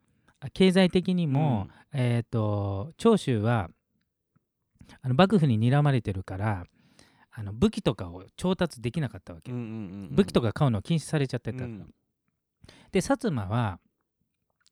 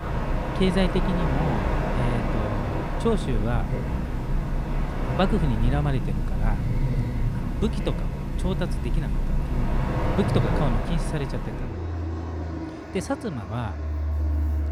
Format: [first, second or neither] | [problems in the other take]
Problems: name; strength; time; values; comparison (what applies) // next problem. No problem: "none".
first | train or aircraft noise; very loud; throughout; 1 dB above the speech